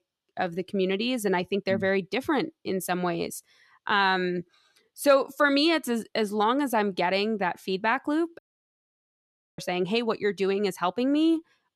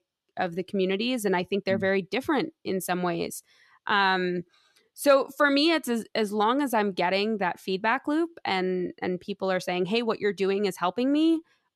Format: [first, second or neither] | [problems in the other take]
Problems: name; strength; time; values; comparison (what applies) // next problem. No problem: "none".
second | audio cutting out; at 8.5 s for 1 s